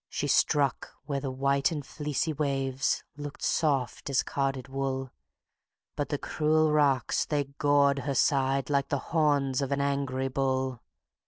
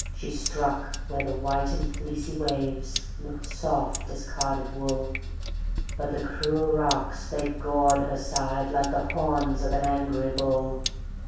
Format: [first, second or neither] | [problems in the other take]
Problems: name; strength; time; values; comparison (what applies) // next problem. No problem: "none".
first | background sound (Sink (filling or washing)); 3 dB below the speech // room echo; dies away in 0.7 s